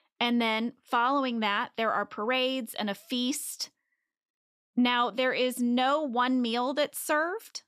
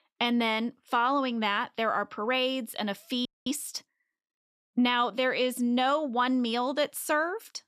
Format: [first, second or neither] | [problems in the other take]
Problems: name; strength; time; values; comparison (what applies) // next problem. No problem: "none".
first | audio freezing; at 3.5 s